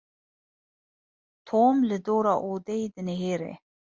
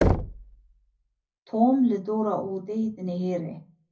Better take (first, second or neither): first